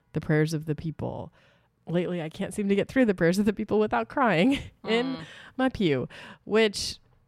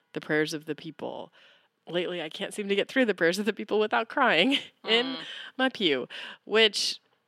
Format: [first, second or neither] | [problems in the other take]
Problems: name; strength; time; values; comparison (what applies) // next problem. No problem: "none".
first | thin; very slightly; fading below 250 Hz